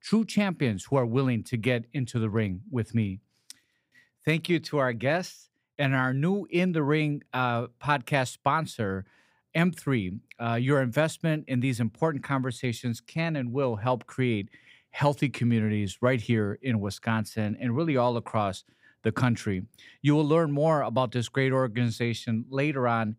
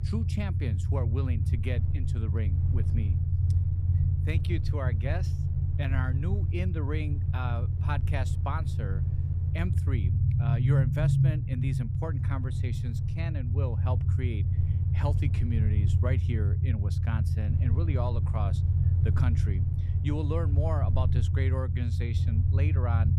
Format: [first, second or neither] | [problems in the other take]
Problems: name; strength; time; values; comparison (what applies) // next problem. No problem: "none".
first | low rumble; loud; throughout; 2 dB below the speech